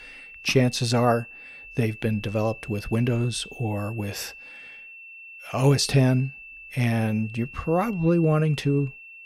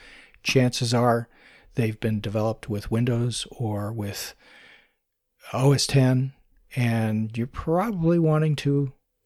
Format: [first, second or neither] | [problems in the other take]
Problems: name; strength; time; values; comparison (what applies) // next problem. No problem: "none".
second | high-pitched whine; noticeable; throughout; 2.5 kHz, 15 dB below the speech